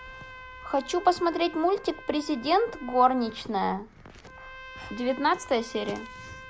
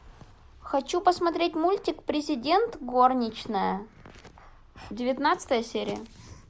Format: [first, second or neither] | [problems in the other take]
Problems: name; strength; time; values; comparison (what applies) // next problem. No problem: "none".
second | background sound (Trumpet); 17 dB below the speech